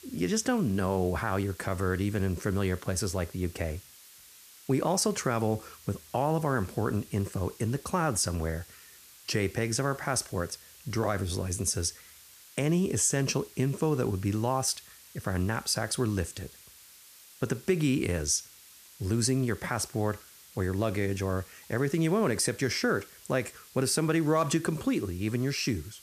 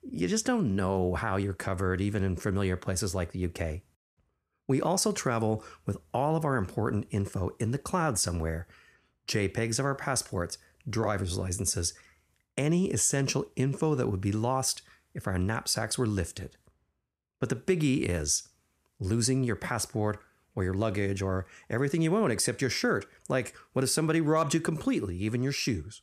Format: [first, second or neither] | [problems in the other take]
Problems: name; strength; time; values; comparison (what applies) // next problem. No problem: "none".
second | hiss; faint; throughout; 20 dB below the speech